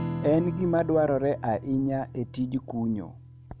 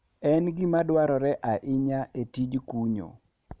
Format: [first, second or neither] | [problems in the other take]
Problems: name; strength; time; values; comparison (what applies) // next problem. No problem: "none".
second | background sound (Strum); 10 dB below the speech